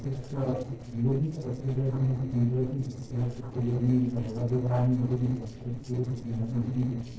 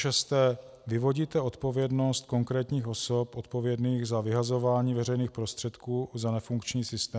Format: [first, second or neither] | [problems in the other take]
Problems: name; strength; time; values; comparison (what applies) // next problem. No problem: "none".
second | noise reduction (neural separator model SepFormer DNS4)